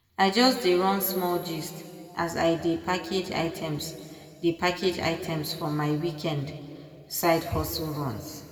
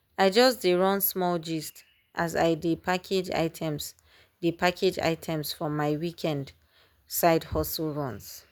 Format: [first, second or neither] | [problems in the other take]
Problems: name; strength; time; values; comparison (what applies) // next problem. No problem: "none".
second | room echo; dies away in 2.2 s